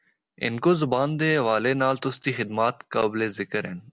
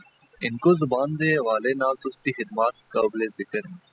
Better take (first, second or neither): first